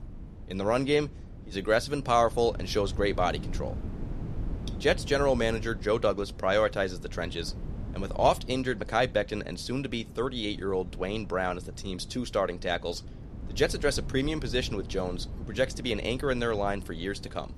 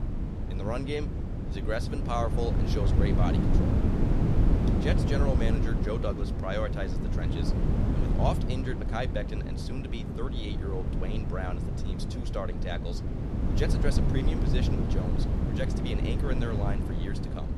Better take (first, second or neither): first